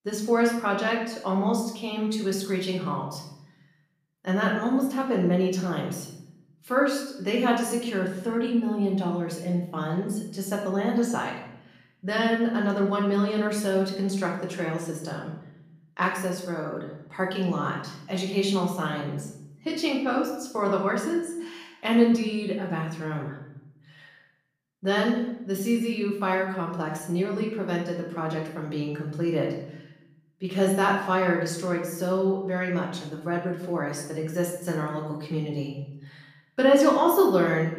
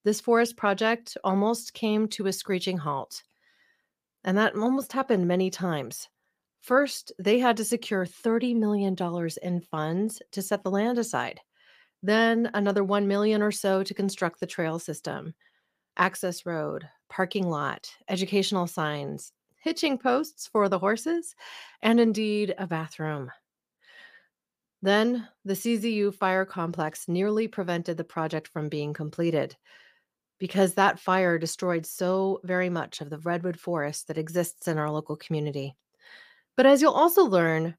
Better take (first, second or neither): second